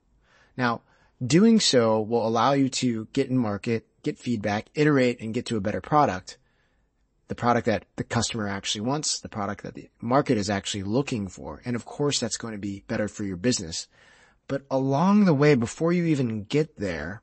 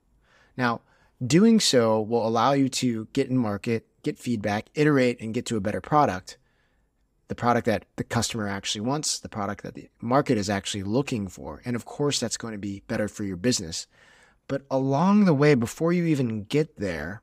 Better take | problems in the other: second | garbled, watery; slightly; nothing above 8 kHz

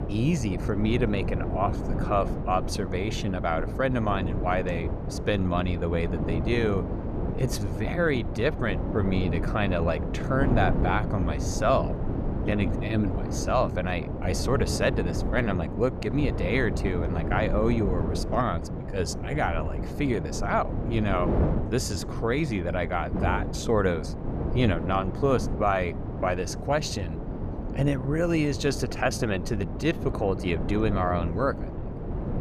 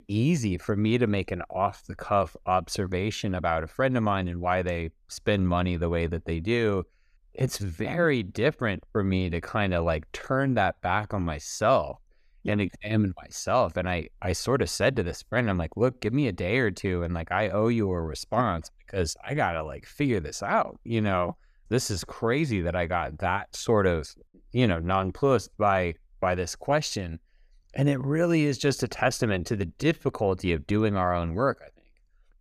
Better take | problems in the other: second | wind noise on the microphone; heavy; 8 dB below the speech

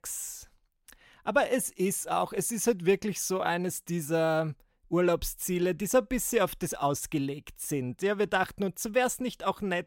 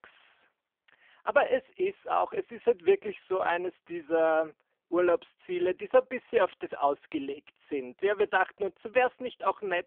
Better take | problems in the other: first | phone-call audio; poor line

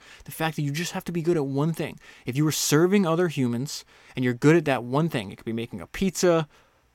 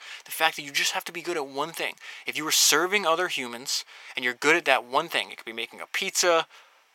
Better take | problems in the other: first | thin; very; fading below 800 Hz

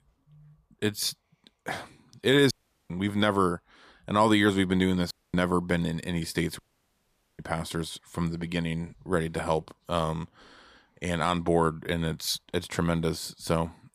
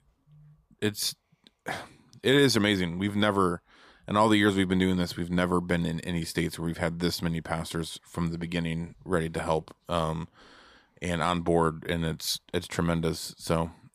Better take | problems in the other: second | audio cutting out; at 2.5 s, at 5 s and at 6.5 s for 1 s

